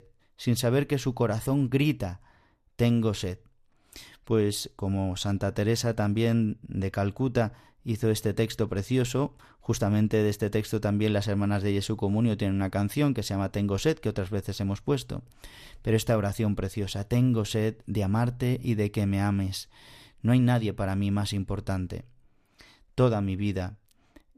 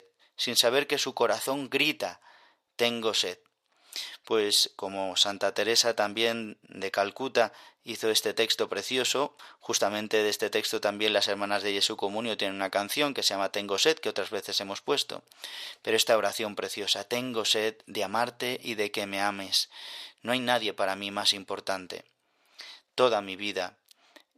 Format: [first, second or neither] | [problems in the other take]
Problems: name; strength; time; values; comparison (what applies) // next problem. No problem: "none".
first | thin; very; fading below 600 Hz